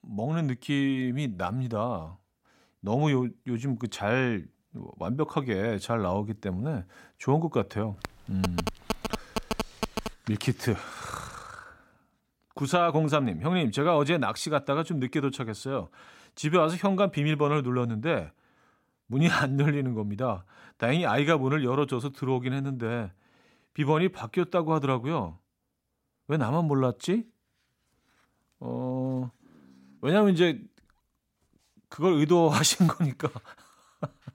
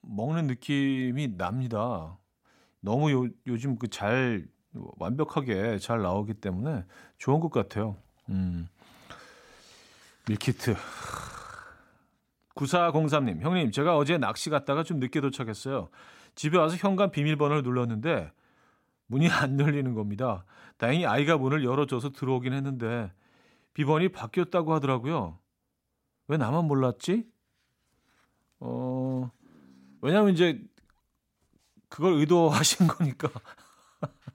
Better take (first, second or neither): second